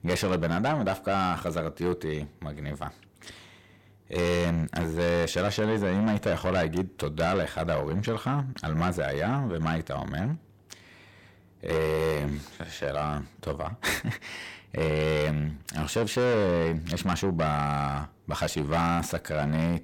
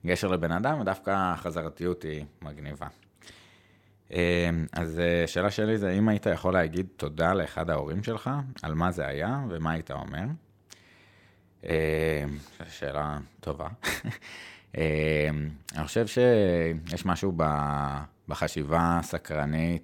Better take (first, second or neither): second